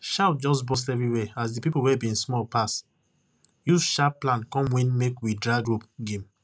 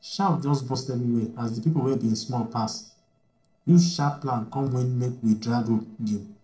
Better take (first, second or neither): first